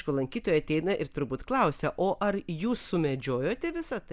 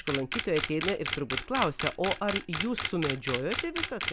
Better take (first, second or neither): first